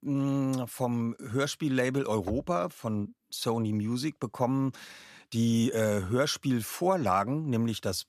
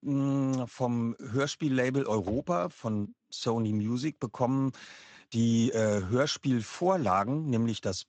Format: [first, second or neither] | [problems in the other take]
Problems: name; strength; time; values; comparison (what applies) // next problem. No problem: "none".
first | garbled, watery; slightly; nothing above 7.5 kHz